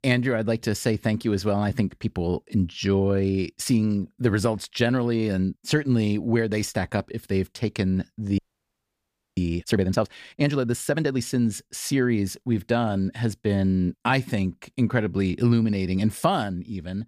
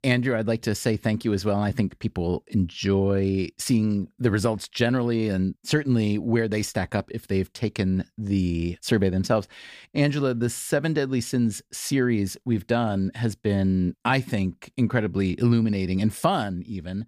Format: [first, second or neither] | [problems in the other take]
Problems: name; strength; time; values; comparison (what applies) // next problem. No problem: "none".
second | audio freezing; at 8.5 s for 1 s